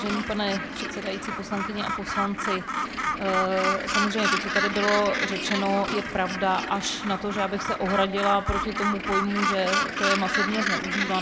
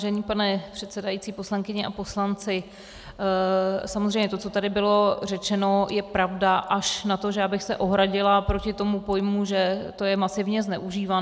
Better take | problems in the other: second | background sound (Gull, seagull); 1 dB below the speech

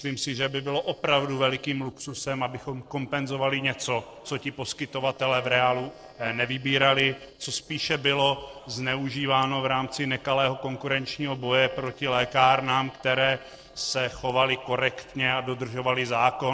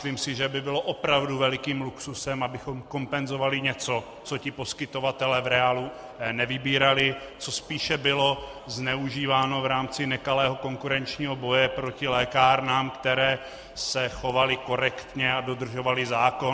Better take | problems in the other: second | noise reduction (neural separator model SepFormer DNS4)

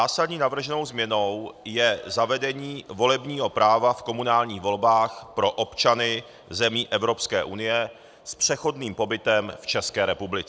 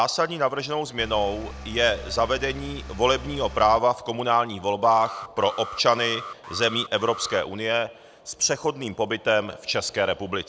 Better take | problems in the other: first | background sound (Engine + Alarm); 13 dB below the speech

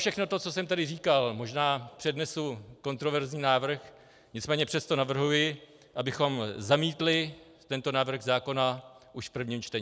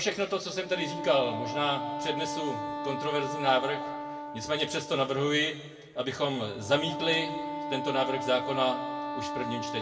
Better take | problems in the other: first | background sound (Wind instrument, woodwind instrument); 6 dB below the speech // room echo; dies away in 1.1 s

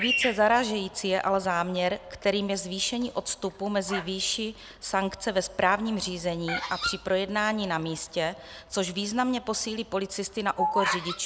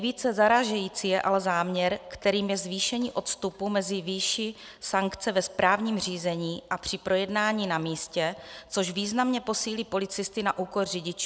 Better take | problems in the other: second | background sound (Bird vocalization, bird call, bird song); 8 dB below the speech

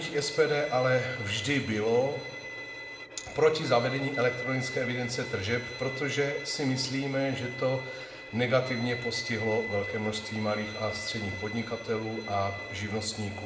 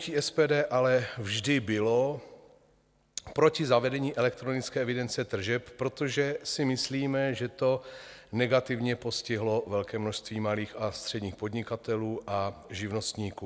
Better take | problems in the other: second | background sound (Bowed string instrument); 10 dB below the speech // room echo; dies away in 0.9 s

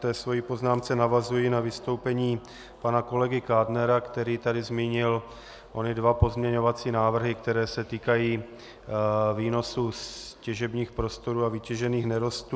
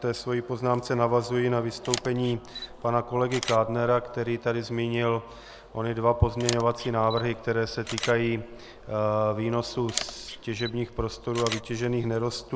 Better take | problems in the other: first | background sound (Camera); 12 dB below the speech

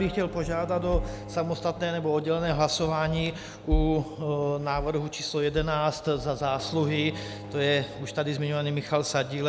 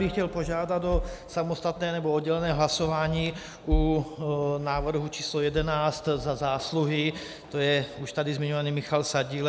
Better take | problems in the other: second | background sound (Bowed string instrument); 16 dB below the speech

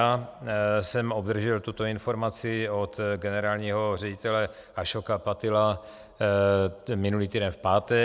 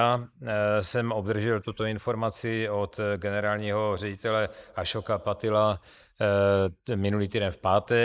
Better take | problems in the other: first | noise reduction (neural mask model Resemble Enhance denoiser)

